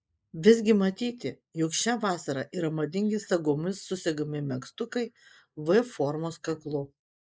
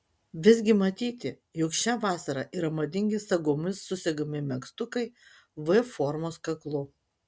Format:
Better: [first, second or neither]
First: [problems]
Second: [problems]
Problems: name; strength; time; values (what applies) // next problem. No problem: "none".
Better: second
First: noise reduction (neural mask model Resemble Enhance denoiser)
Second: none